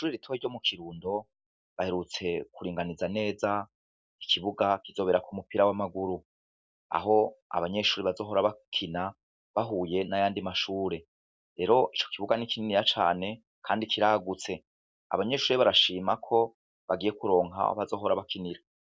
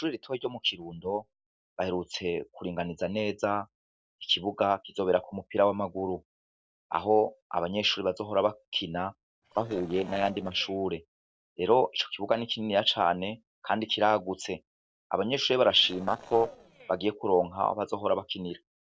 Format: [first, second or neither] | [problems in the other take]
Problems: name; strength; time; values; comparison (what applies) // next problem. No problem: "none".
first | noise reduction (neural separator model SepFormer DNS4)